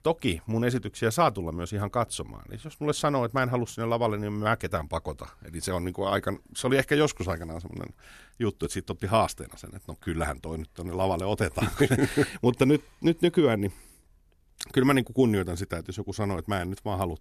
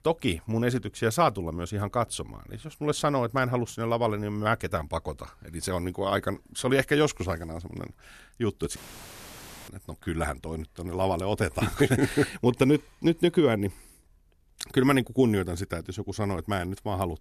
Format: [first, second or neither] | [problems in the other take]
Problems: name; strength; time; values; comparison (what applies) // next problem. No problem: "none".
first | audio cutting out; filled with static; at 9 s for 1 s